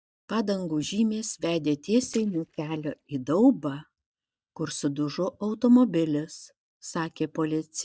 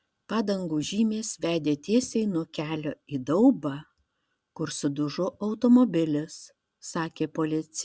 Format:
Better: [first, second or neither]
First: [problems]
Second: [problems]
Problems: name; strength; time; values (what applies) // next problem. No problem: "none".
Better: second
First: noise reduction (neural mask model DeepFilterNet 3)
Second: none